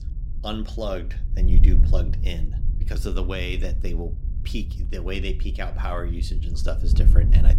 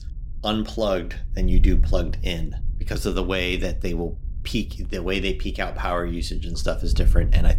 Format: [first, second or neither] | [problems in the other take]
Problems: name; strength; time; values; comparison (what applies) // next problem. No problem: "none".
second | wind noise on the microphone; heavy; 10 dB below the speech; occasional gusts in the second